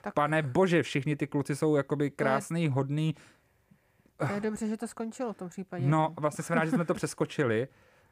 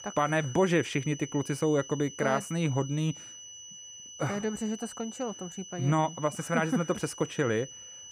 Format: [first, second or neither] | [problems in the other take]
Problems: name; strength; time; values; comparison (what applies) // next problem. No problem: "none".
first | high-pitched whine; noticeable; throughout; 6 kHz, 15 dB below the speech